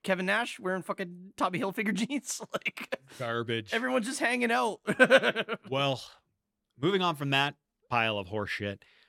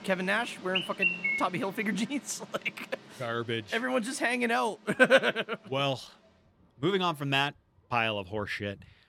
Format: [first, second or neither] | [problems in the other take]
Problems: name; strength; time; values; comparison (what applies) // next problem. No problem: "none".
first | animal sounds; loud; throughout; 2 dB below the speech